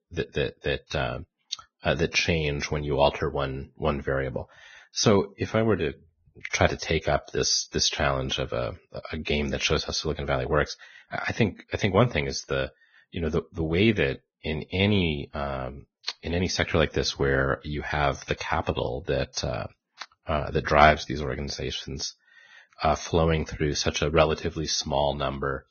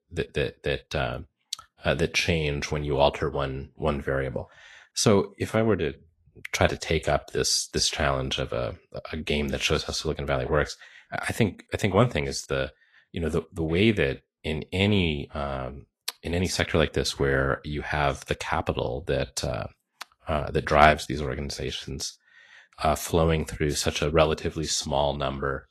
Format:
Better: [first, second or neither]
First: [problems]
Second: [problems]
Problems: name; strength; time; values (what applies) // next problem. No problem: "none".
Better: second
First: garbled, watery; badly; nothing above 6.5 kHz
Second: garbled, watery; slightly; nothing above 12.5 kHz